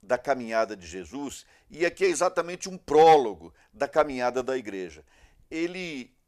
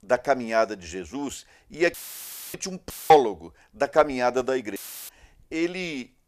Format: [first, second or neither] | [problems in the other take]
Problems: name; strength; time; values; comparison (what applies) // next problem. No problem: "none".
first | audio cutting out; filled with static; at 2 s for 0.5 s, at 3 s and at 5 s